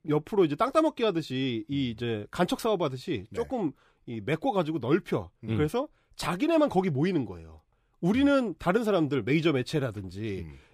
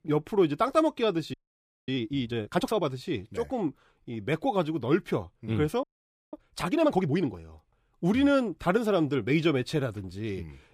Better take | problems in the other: first | audio freezing; at 1.5 s for 0.5 s and at 6 s for 0.5 s

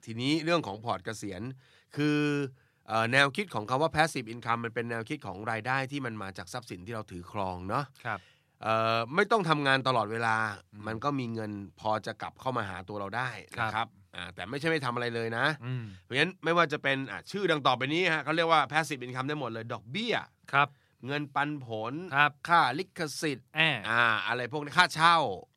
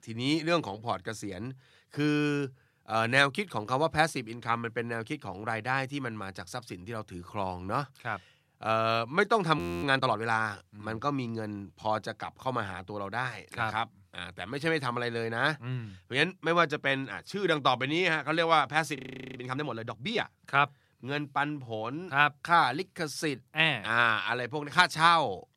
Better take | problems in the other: first | audio freezing; at 9.5 s and at 19 s

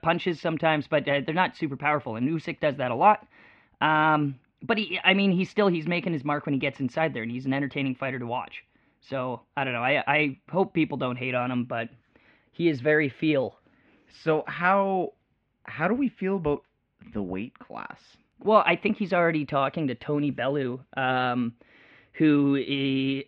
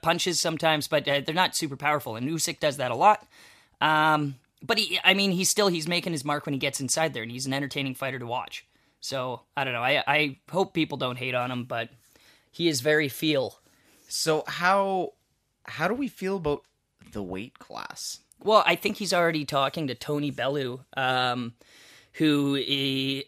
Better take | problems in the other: second | muffled; very; fading above 2.5 kHz

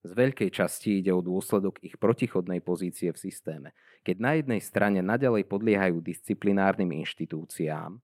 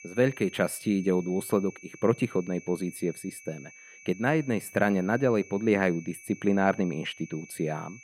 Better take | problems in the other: first | high-pitched whine; faint; throughout; 2.5 kHz, 20 dB below the speech

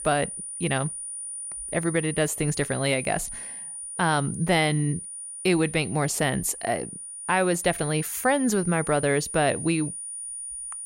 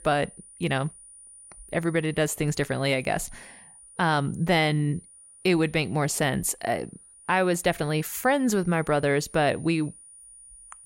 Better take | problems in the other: second | high-pitched whine; loud; throughout; 9.5 kHz, 8 dB below the speech; faint in the second

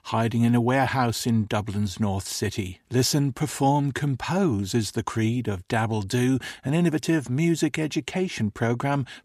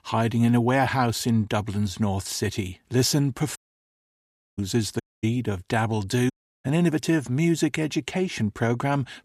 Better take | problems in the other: first | audio cutting out; at 3.5 s for 1 s, at 5 s and at 6.5 s

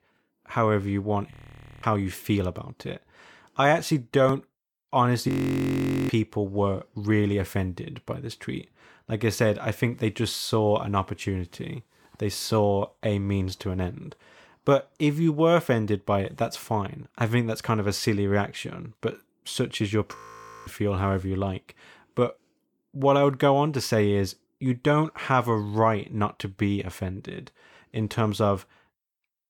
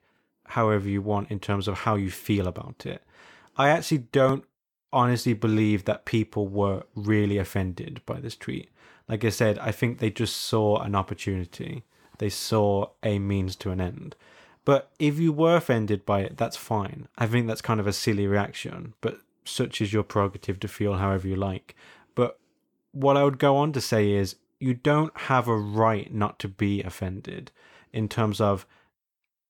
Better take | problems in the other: second | audio freezing; at 1.5 s for 0.5 s, at 5.5 s for 1 s and at 20 s for 0.5 s

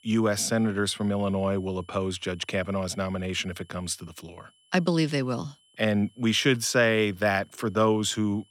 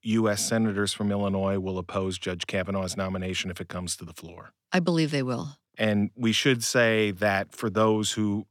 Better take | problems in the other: second | high-pitched whine; faint; throughout; 3 kHz, 35 dB below the speech

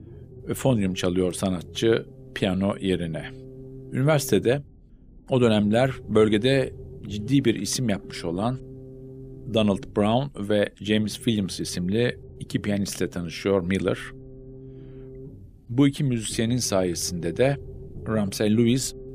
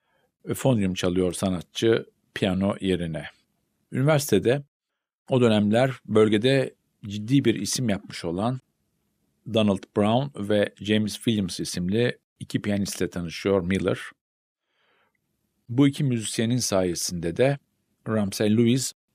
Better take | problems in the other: second | low rumble; faint; throughout; 20 dB below the speech

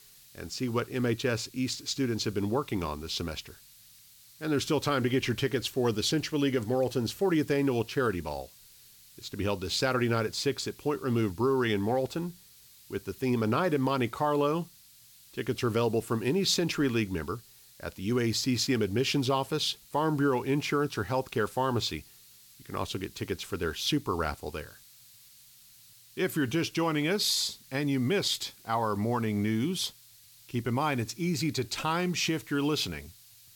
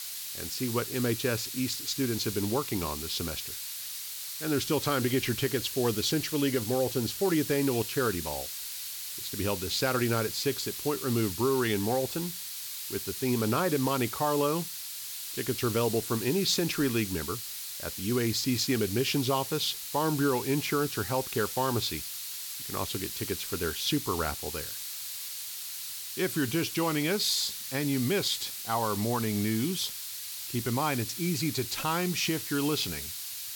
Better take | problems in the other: first | hiss; loud; throughout; 5 dB below the speech; faint in the first

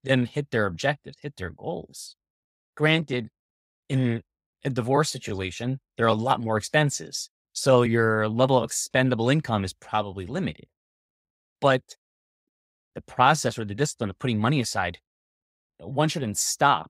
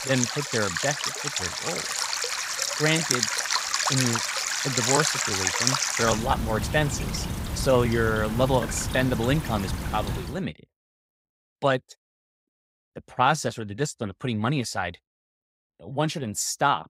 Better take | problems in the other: first | rain or running water; very loud; until 10 s; as loud as the speech

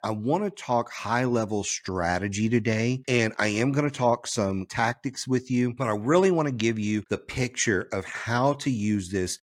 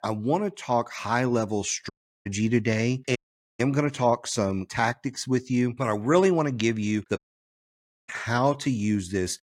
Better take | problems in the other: first | audio cutting out; at 2 s, at 3 s and at 7 s for 1 s

